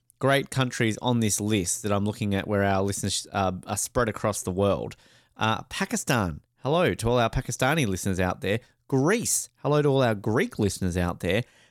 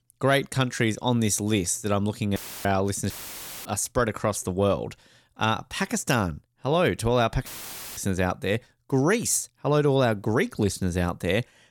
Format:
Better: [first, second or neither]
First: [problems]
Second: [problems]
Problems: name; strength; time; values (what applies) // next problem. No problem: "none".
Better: first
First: none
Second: audio cutting out; filled with static; at 2.5 s, at 3 s for 0.5 s and at 7.5 s for 0.5 s